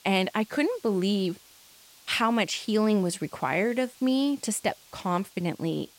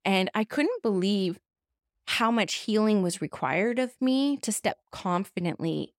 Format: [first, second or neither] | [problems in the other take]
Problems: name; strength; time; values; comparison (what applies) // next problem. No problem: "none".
second | hiss; faint; throughout; 25 dB below the speech